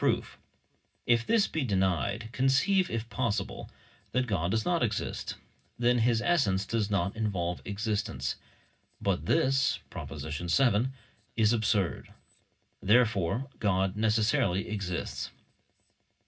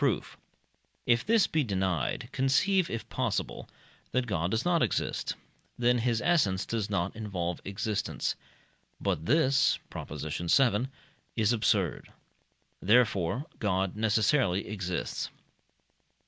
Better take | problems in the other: second | room echo; dies away in 0.4 s

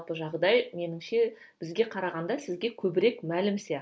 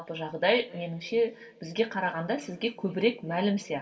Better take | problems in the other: first | room echo; dies away in 2 s

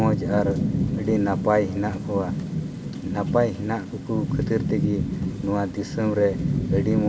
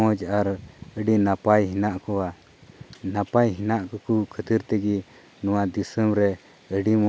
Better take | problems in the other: second | background sound (Rain / Thunderstorm); 1 dB below the speech // room echo; dies away in 0.3 s

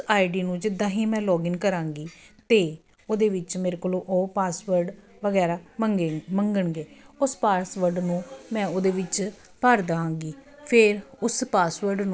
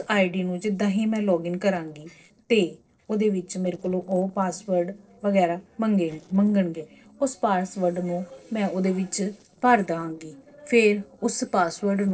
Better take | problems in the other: first | noise reduction (neural separator model SepFormer DNS4)

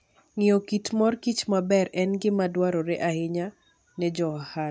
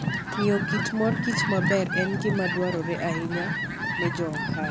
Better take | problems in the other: first | background sound (Fire + Fowl); as loud as the speech

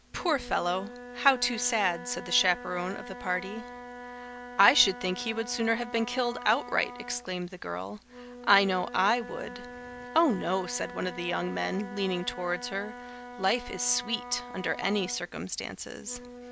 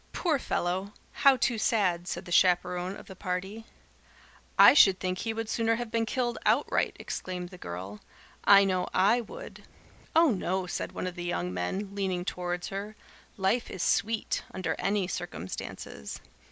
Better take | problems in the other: second | background sound (Wind instrument, woodwind instrument); 13 dB below the speech

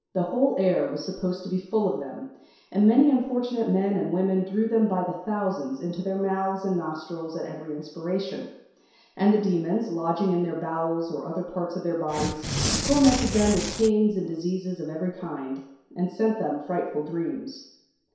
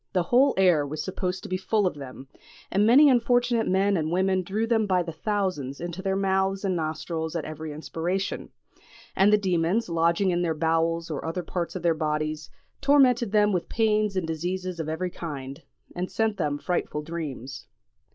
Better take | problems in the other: second | background sound (Tearing); 3 dB below the speech // room echo; dies away in 0.7 s

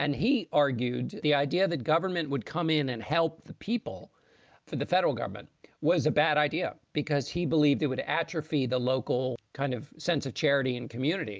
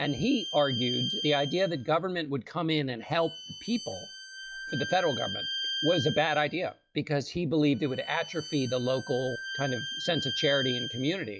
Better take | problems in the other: first | noise reduction (classical method log-MMSE)

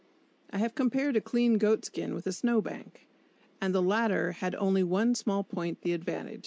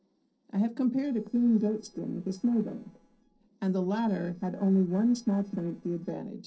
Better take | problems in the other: first | noise reduction (neural separator model SepFormer DNS4)

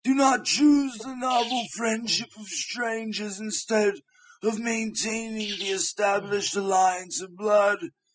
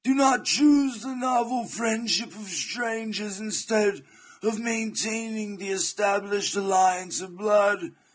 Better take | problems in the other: second | noise reduction (classical method spectral subtraction)

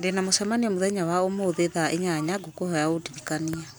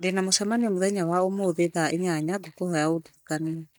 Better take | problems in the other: first | noise reduction (neural mask model DeepFilterNet 3)

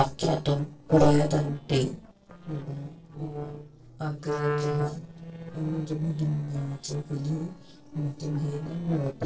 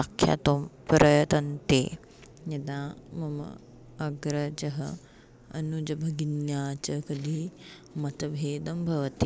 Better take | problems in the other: second | noise reduction (neural separator model SepFormer DNS4)

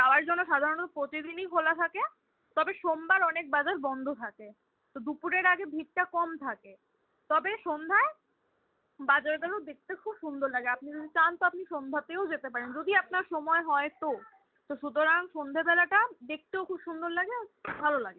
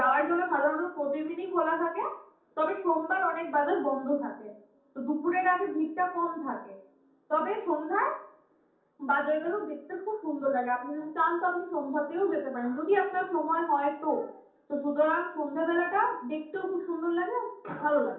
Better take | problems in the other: first | room echo; dies away in 0.6 s

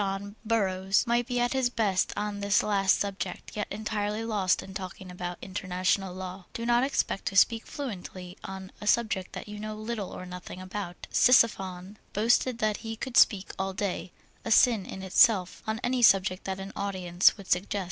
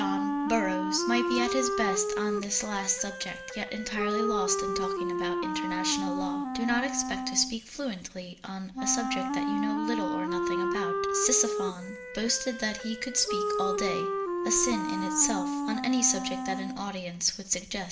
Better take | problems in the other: first | background sound (Wind instrument, woodwind instrument); as loud as the speech // room echo; dies away in 1.1 s

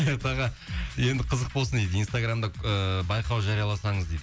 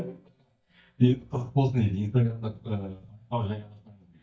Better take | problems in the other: first | noise reduction (neural mask model DeepFilterNet 3)

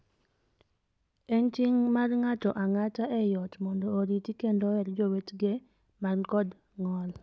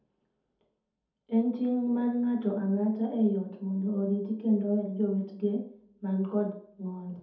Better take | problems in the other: first | room echo; dies away in 0.6 s

